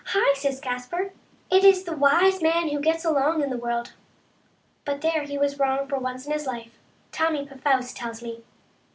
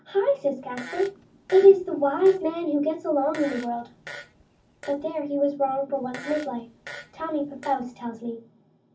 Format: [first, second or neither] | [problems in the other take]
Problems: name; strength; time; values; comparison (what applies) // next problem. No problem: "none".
first | background sound (Fart); 18 dB below the speech // room echo; dies away in 0.4 s